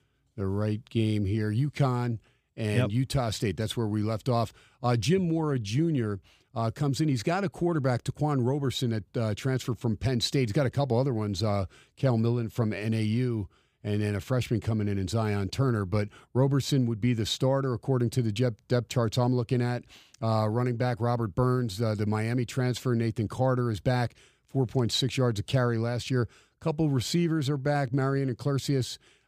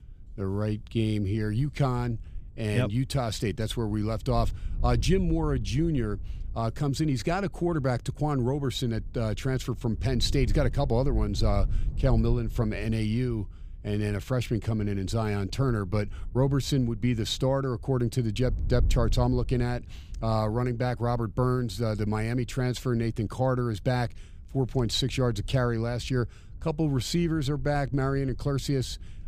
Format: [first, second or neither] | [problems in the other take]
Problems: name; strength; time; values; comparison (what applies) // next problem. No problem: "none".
first | wind noise on the microphone; occasional gusts; 25 dB below the speech